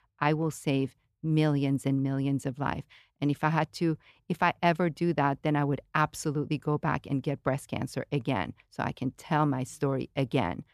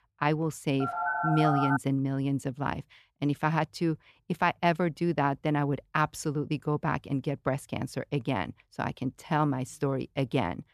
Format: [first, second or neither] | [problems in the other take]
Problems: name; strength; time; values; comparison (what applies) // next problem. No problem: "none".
first | phone ringing; loud; at 1 s; peak 2 dB above the speech